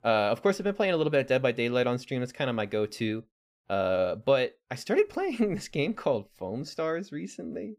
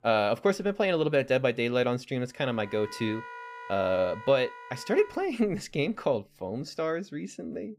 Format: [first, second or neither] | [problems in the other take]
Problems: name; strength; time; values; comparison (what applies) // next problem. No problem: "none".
first | background music; noticeable; from 2.5 s on; 15 dB below the speech